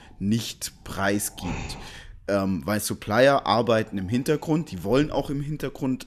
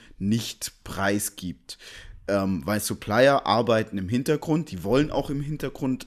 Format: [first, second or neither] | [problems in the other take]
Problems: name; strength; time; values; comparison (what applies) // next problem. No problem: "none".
second | wind noise on the microphone; occasional gusts; until 2 s and from 3.5 to 5 s; 15 dB below the speech